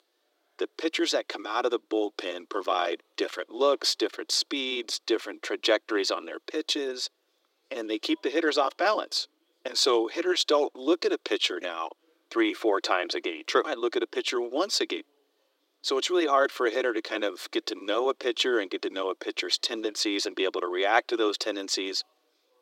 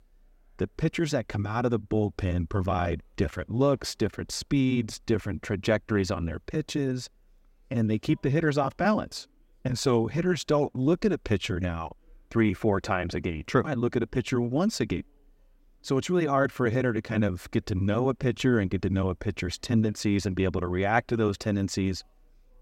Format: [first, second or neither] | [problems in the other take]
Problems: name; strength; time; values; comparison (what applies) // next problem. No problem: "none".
second | thin; very; fading below 300 Hz